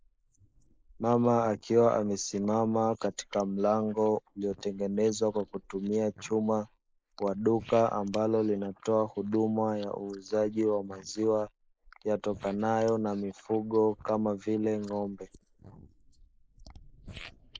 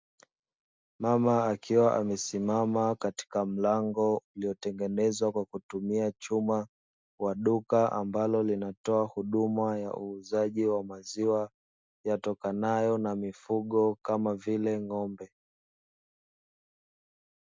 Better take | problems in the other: second | noise reduction (neural mask model Resemble Enhance denoiser)

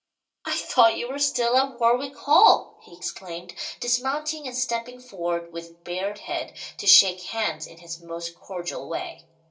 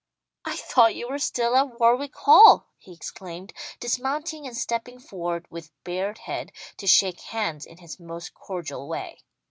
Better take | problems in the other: second | room echo; dies away in 0.2 s

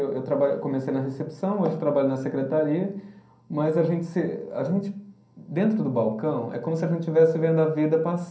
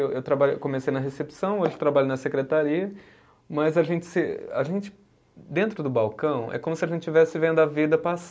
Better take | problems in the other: second | room echo; dies away in 0.6 s

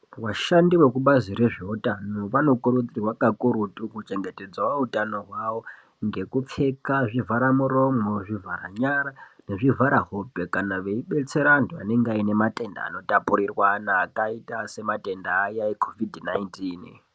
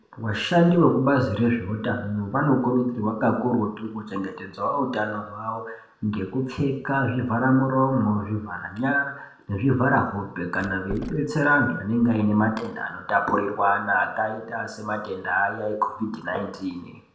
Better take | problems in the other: first | background sound (Door); 15 dB below the speech // room echo; dies away in 0.6 s

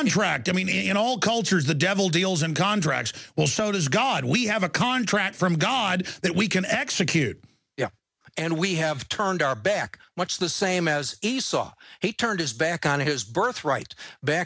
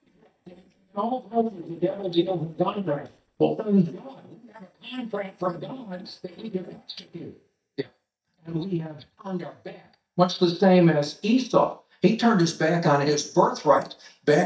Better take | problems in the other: first | noise reduction (neural mask model DeepFilterNet 3)

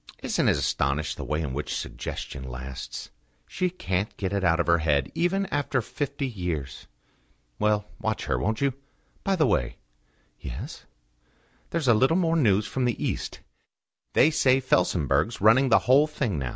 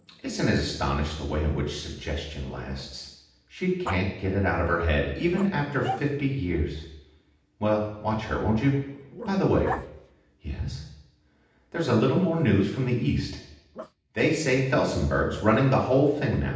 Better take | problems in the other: first | background sound (Growling); 17 dB below the speech // room echo; dies away in 0.8 s

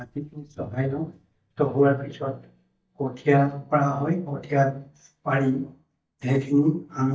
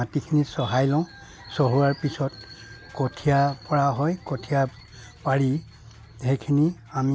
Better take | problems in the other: second | noise reduction (neural mask model DeepFilterNet 3)

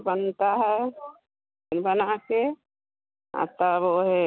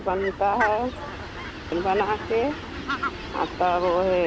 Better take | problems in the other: first | background sound (Fowl); 7 dB below the speech

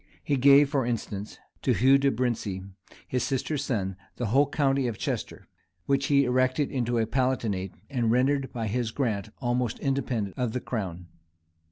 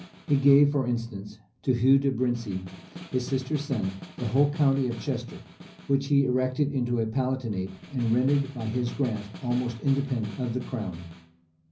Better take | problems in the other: first | background sound (Snare drum); 18 dB below the speech // room echo; dies away in 0.5 s

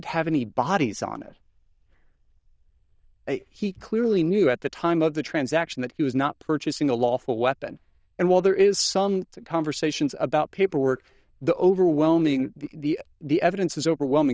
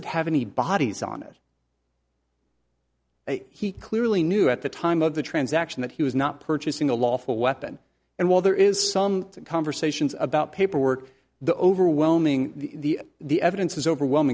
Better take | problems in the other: second | noise reduction (neural diffusion model UNIVERSE++)

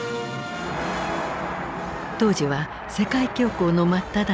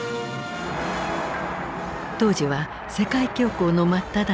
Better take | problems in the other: first | background sound (Dishes, pots, and pans / Chink, clink); 18 dB below the speech

